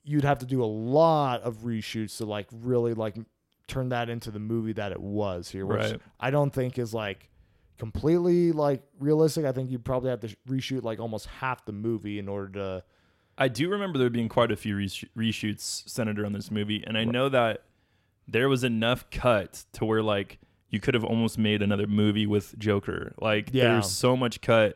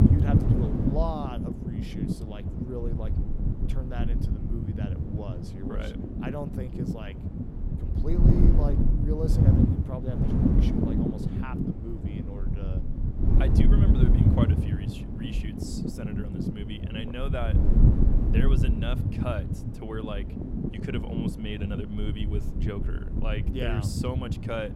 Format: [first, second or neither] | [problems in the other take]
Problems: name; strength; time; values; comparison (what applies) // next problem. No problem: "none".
first | wind noise on the microphone; heavy; 1 dB above the speech